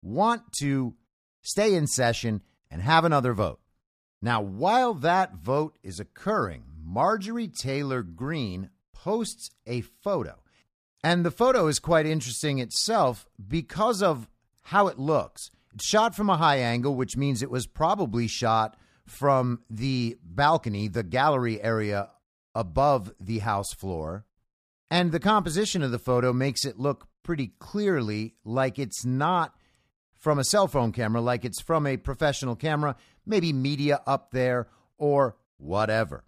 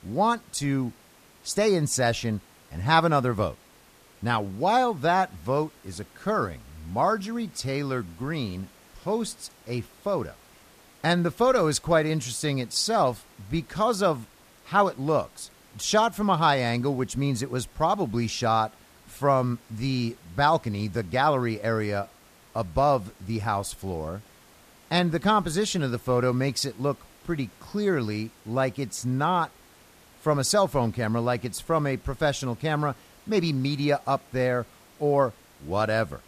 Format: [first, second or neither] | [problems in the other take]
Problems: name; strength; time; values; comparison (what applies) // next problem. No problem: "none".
first | hiss; faint; throughout; 25 dB below the speech